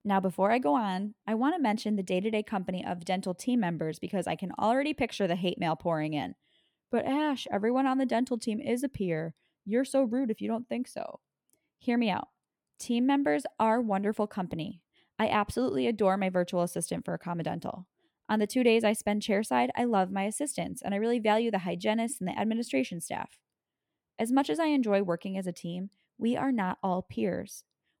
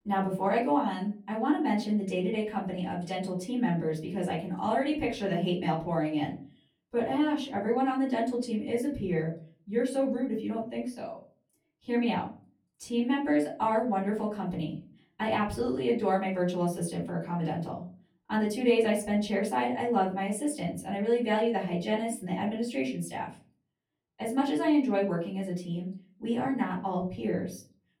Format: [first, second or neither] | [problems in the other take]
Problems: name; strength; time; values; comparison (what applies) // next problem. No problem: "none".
first | off-mic speech; far // room echo; slight; dies away in 0.4 s